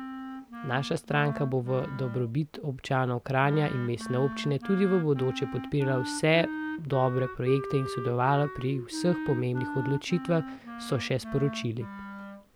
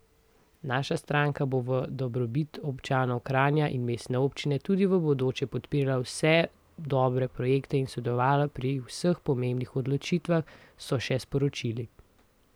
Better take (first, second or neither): second